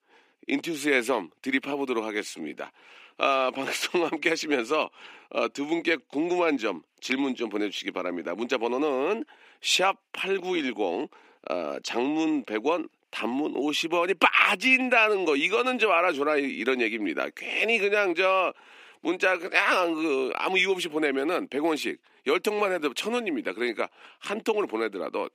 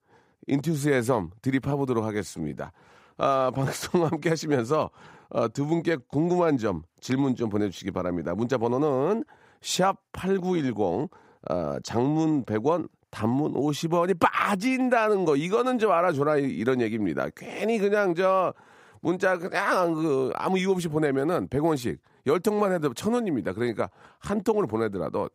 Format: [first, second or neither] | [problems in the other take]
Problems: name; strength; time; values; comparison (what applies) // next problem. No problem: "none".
second | thin; very slightly; fading below 300 Hz